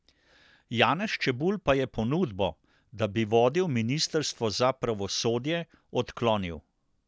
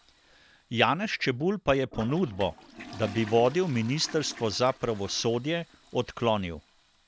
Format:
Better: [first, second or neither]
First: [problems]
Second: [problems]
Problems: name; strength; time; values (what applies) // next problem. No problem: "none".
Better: first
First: none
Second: background sound (Toilet flush); 19 dB below the speech